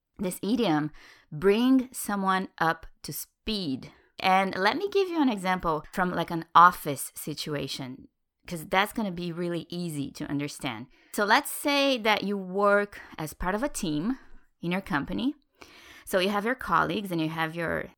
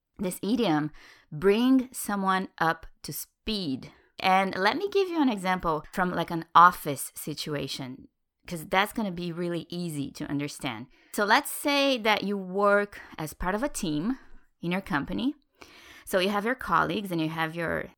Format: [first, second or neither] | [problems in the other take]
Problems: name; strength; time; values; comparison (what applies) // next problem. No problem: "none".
neither | none